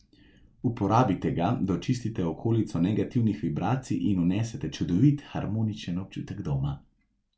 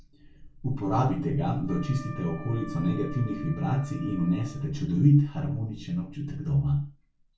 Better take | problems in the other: first | background sound (Wind instrument, woodwind instrument); 19 dB below the speech // room echo; dies away in 0.3 s

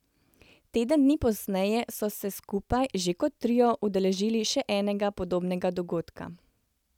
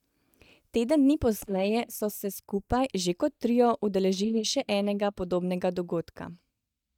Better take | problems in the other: first | noise reduction (neural mask model DeepFilterNet 3)

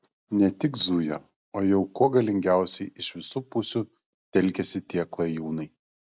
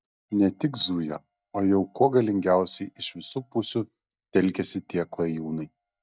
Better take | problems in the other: first | noise reduction (neural mask model DeepFilterNet 3)

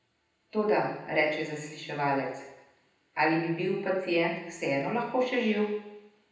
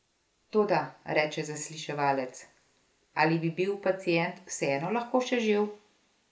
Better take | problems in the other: second | room echo; dies away in 0.8 s

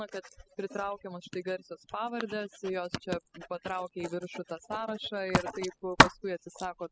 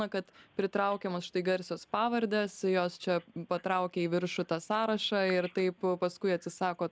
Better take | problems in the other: second | noise reduction (classical method spectral subtraction)

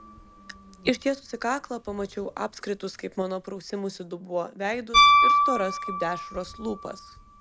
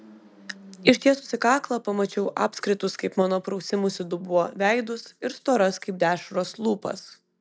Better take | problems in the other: second | background sound (Piano); 4 dB above the speech

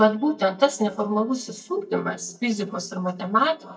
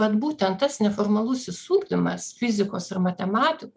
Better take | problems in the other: second | noise reduction (neural mask model DeepFilterNet 3)

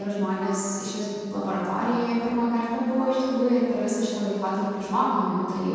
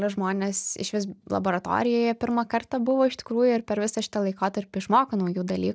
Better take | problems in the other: second | background sound (Bell); 17 dB below the speech // room echo; dies away in 2.1 s

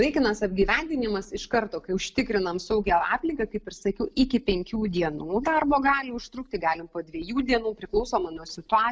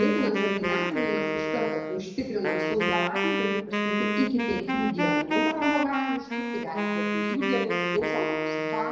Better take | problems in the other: first | background sound (Wind instrument, woodwind instrument); 2 dB above the speech // room echo; dies away in 1 s

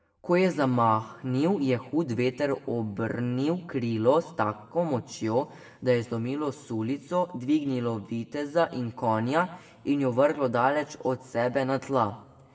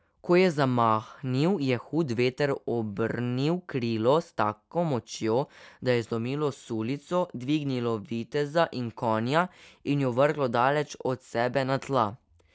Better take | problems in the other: second | room echo; dies away in 0.9 s

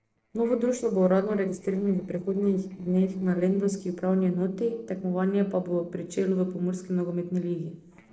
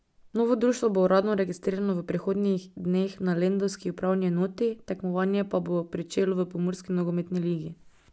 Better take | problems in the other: second | noise reduction (neural separator model SepFormer DNS4)

